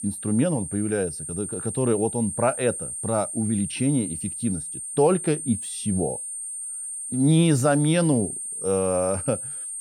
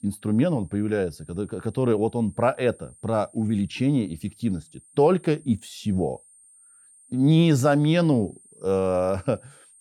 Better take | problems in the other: second | high-pitched whine; loud; throughout; 8.5 kHz, 6 dB below the speech; faint in the second

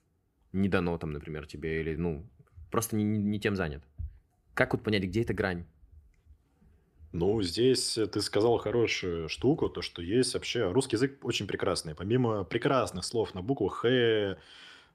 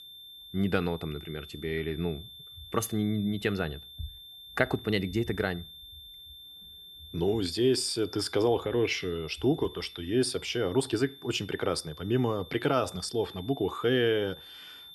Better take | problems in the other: first | high-pitched whine; noticeable; throughout; 3.5 kHz, 15 dB below the speech

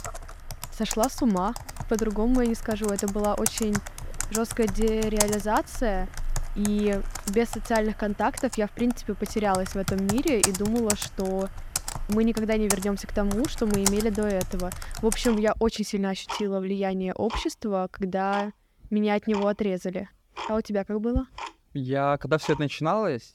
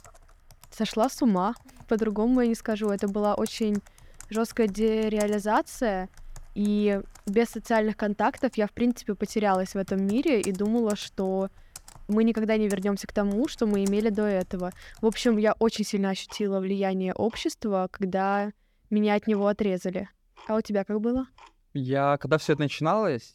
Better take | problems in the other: second | household noises; loud; throughout; 7 dB below the speech; faint in the second

